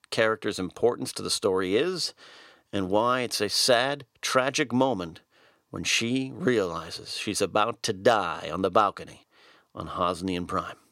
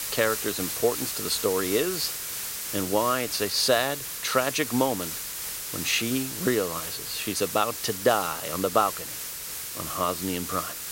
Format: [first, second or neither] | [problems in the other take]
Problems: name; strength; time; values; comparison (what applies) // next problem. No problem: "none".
first | hiss; loud; throughout; 4 dB below the speech